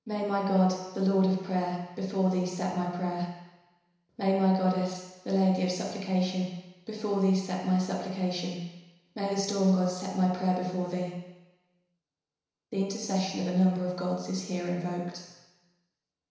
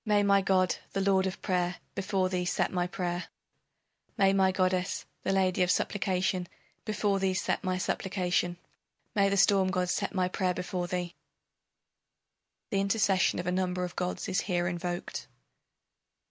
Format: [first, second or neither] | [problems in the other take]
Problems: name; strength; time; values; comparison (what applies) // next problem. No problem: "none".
second | room echo; dies away in 1 s